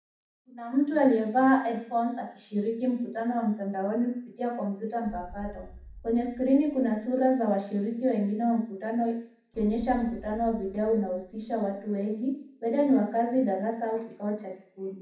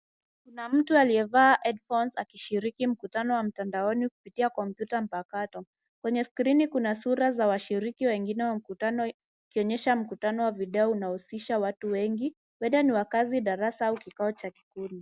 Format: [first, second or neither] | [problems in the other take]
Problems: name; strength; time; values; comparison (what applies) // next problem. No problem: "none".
second | background sound (Boom); 19 dB below the speech // room echo; dies away in 0.6 s